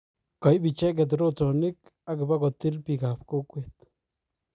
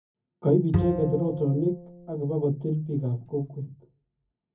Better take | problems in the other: first | background sound (Bowed string instrument); 6 dB below the speech // room echo; dies away in 0.3 s

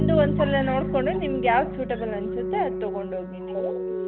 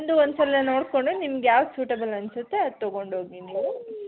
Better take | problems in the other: second | background sound (Bass guitar + Organ); 2 dB below the speech

